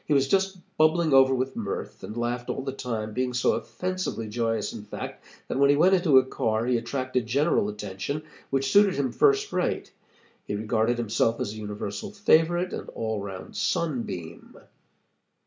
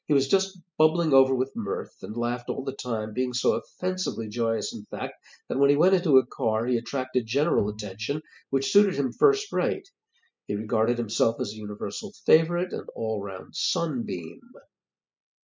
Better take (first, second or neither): first